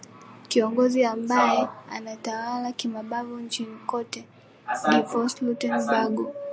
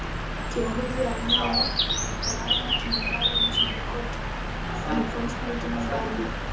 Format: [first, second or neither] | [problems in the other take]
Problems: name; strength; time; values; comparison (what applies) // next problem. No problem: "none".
first | background sound (Bird); 5 dB above the speech // room echo; dies away in 0.7 s